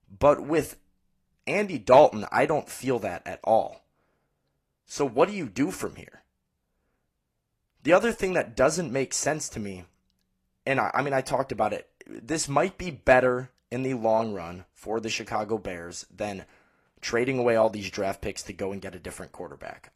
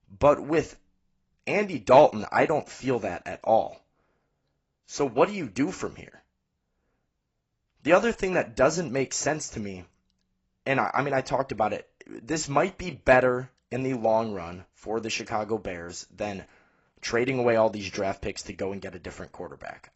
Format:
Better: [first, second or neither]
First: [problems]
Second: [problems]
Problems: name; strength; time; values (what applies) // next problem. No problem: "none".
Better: first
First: garbled, watery; slightly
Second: garbled, watery; badly; nothing above 7.5 kHz